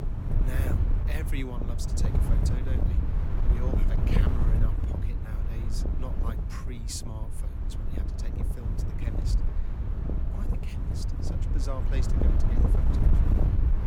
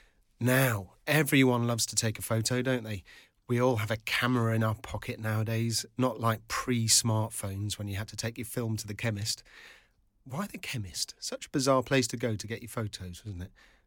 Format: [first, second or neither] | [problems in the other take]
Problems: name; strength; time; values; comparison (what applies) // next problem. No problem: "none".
second | wind noise on the microphone; heavy; 2 dB above the speech